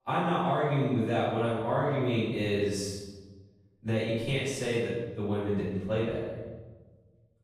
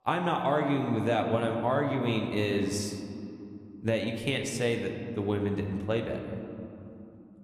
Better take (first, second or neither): second